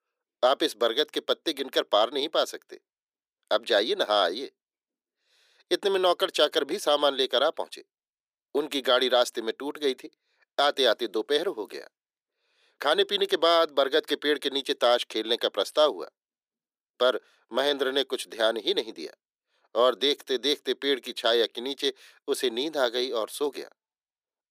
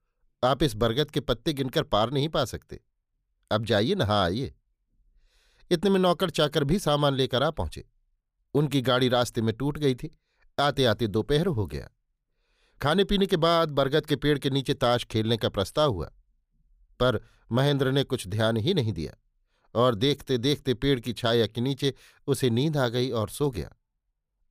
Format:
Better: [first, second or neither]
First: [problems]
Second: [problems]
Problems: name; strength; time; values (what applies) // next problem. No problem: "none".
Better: second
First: thin; somewhat; fading below 300 Hz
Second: none